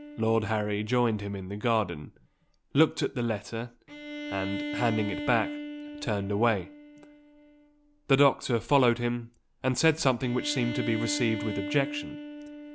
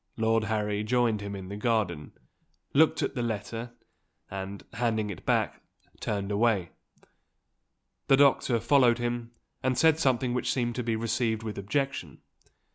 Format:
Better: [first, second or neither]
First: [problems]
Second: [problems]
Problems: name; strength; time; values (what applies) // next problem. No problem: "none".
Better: second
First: background sound (Bowed string instrument); 10 dB below the speech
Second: none